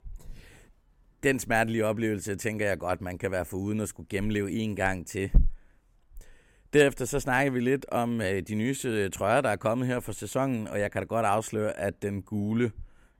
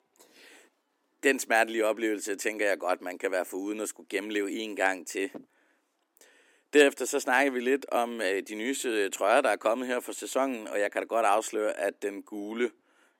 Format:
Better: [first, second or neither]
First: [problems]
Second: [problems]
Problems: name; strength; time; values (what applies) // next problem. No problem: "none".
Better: first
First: none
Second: thin; somewhat; fading below 300 Hz